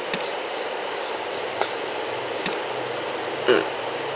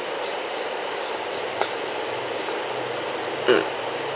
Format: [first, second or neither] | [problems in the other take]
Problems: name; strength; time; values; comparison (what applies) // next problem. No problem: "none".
second | background sound (Tools); 14 dB below the speech